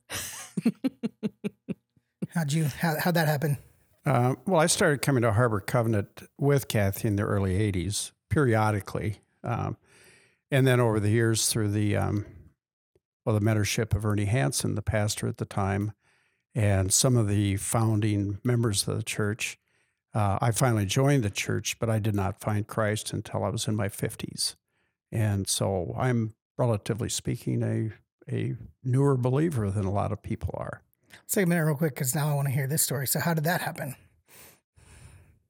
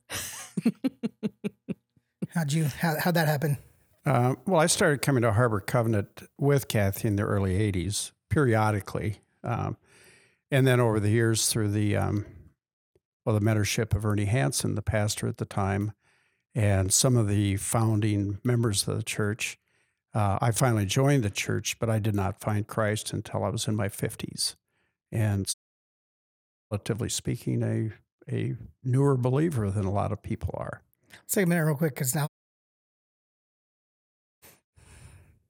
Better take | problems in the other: first | audio cutting out; at 26 s for 1 s and at 32 s for 2 s

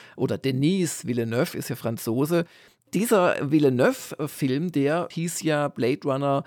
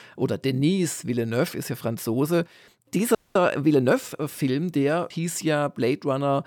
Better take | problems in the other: first | audio freezing; at 3 s

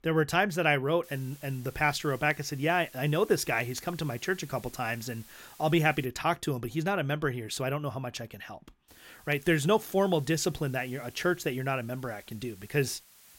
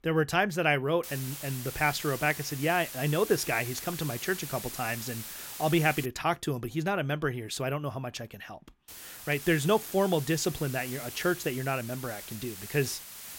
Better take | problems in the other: first | hiss; loud; from 1 to 6 s and from 9 s on; 10 dB below the speech; faint in the first

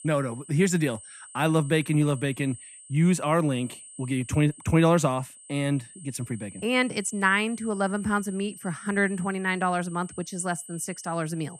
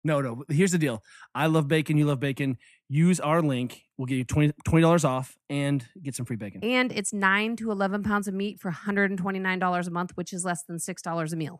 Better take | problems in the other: second | high-pitched whine; noticeable; throughout; 8.5 kHz, 15 dB below the speech

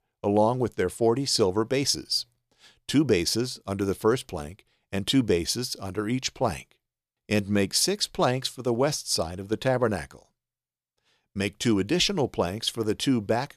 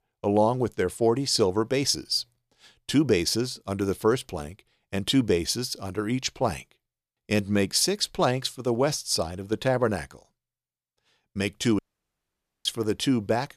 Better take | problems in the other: first | audio cutting out; at 12 s for 1 s

